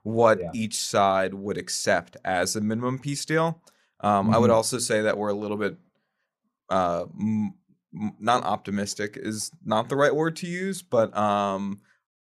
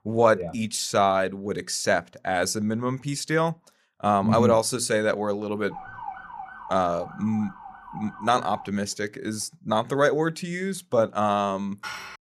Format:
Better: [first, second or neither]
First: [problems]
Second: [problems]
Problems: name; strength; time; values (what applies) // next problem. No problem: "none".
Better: first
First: none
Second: siren; faint; from 5.5 to 8.5 s; peak 10 dB below the speech // clattering dishes; faint; at 12 s; peak 10 dB below the speech